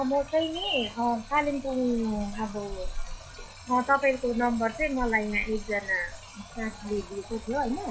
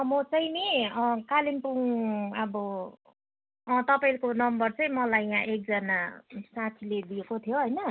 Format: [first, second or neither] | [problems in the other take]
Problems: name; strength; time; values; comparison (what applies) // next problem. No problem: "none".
second | noise reduction (classical method log-MMSE)